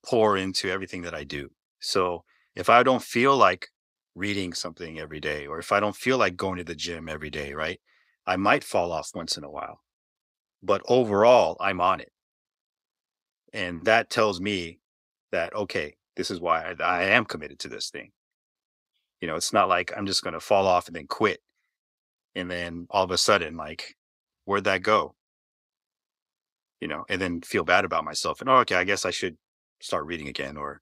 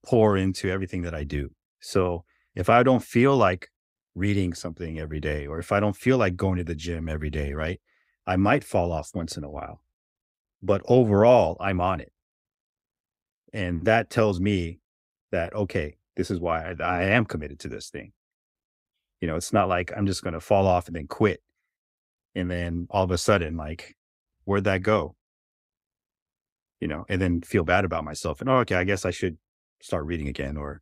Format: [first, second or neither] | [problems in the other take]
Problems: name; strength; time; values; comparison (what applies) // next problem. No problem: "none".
second | thin; somewhat; fading below 500 Hz